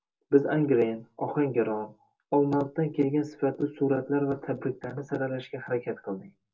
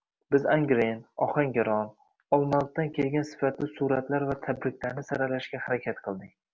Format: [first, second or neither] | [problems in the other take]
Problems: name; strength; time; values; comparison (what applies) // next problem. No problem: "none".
second | room echo; dies away in 0.2 s